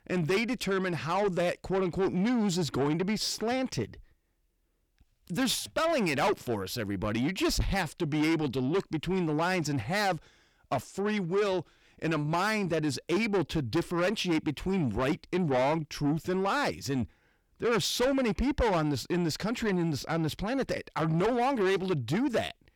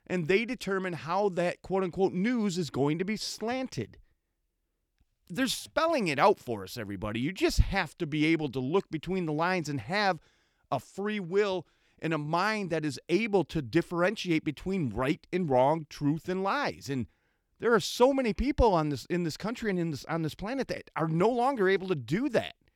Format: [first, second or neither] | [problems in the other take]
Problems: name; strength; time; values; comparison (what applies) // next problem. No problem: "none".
second | distortion; heavy; 7 dB below the speech